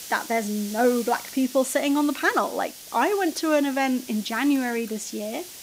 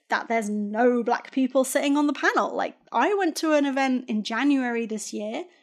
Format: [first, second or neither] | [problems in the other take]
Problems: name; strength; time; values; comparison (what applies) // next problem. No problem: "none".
second | hiss; noticeable; throughout; 15 dB below the speech